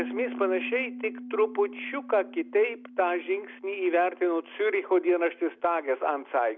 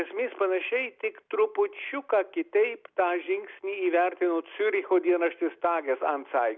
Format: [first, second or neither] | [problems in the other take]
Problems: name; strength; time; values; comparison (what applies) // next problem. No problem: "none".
second | background sound (Piano); 15 dB below the speech